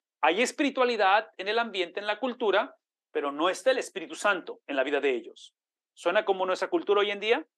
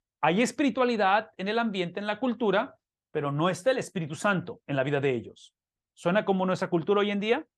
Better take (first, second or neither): second